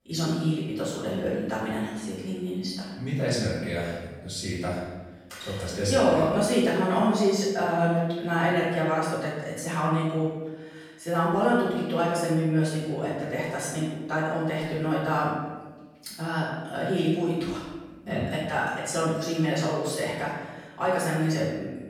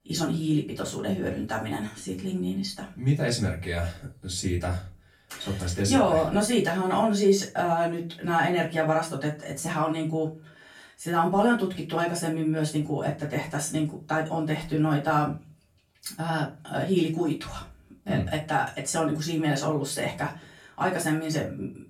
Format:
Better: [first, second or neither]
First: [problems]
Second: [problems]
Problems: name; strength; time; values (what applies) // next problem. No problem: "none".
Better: second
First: room echo; strong; dies away in 1 s // off-mic speech; far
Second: room echo; slight; dies away in 0.3 s // off-mic speech; far